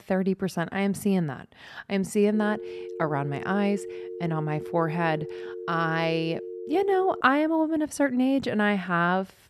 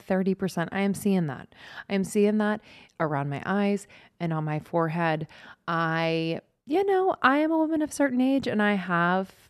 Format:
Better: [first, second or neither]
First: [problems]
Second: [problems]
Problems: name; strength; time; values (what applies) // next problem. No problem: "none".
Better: second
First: phone ringing; faint; from 2.5 to 7 s; peak 10 dB below the speech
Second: none